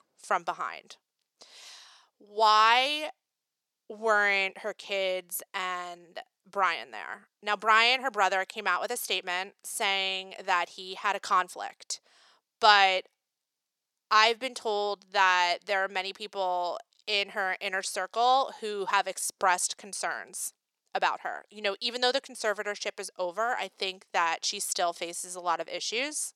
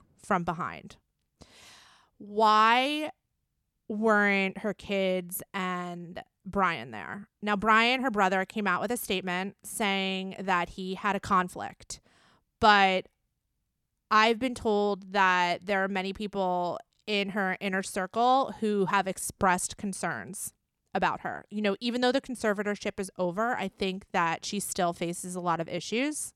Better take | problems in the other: second | thin; very; fading below 550 Hz

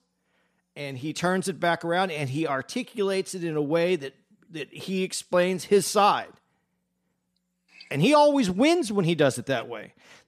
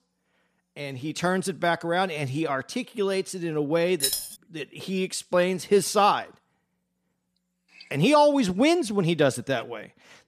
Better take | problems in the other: first | jangling keys; noticeable; at 4 s; peak 1 dB below the speech

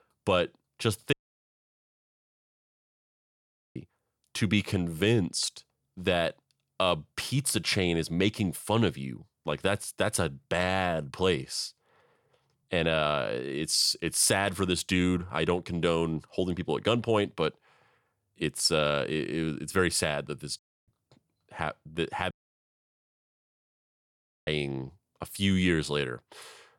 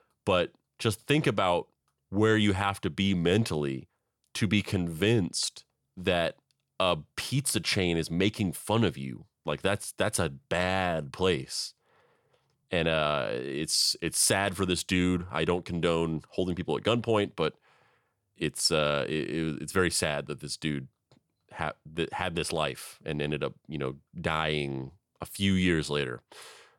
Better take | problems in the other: second | audio cutting out; at 1 s for 2.5 s, at 21 s and at 22 s for 2 s

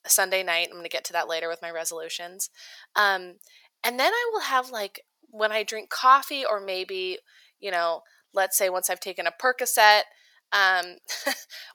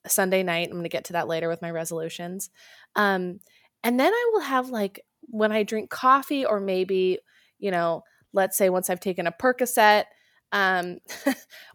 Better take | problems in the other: second | thin; very; fading below 700 Hz

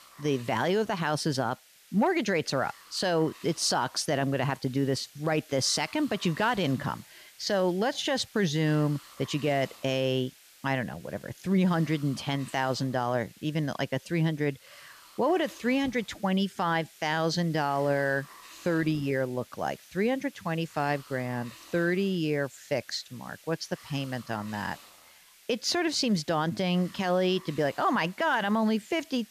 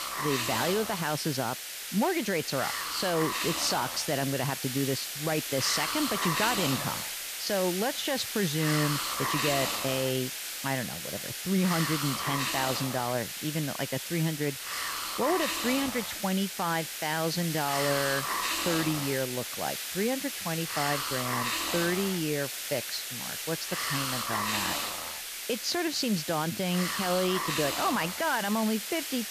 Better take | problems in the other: first | hiss; loud; throughout; 1 dB below the speech; faint in the first

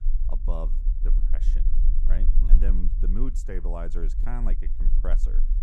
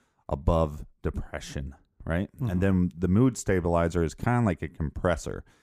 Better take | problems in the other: second | low rumble; loud; throughout; 10 dB below the speech

